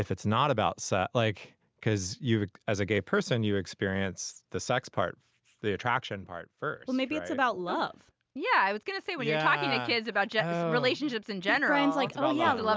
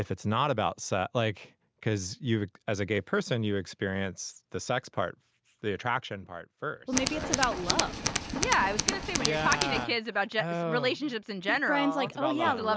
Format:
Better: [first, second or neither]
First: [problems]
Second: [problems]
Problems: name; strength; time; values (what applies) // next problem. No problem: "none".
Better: first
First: none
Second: background sound (Tools); 1 dB below the speech